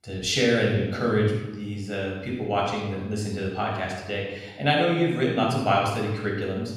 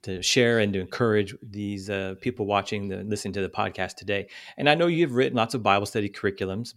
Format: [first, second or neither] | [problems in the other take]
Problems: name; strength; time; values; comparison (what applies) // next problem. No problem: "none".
second | off-mic speech; far // room echo; noticeable; dies away in 1.1 s